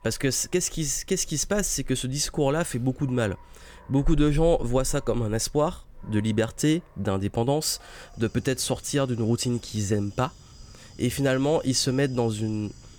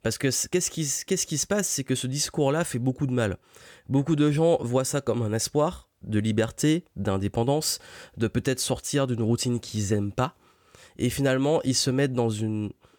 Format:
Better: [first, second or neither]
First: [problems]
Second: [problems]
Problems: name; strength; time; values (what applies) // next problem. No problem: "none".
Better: second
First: animal sounds; noticeable; throughout; 20 dB below the speech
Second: none